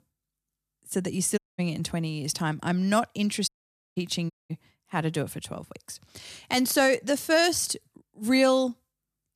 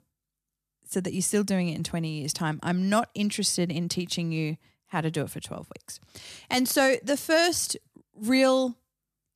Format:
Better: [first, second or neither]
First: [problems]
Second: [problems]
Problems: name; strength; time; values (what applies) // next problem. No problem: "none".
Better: second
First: audio cutting out; at 1.5 s, at 3.5 s and at 4.5 s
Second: none